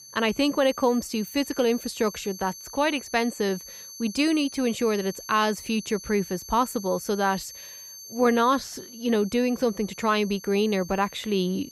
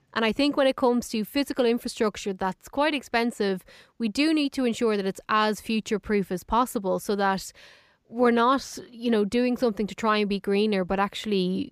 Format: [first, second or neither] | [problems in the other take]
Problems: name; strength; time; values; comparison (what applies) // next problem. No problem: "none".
second | high-pitched whine; noticeable; throughout; 6.5 kHz, 15 dB below the speech